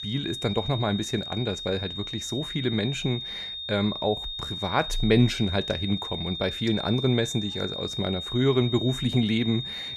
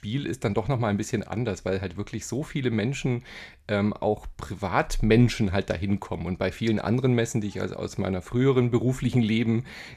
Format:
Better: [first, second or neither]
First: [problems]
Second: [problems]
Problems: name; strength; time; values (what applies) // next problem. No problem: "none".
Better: second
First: high-pitched whine; loud; throughout; 3.5 kHz, 5 dB below the speech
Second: none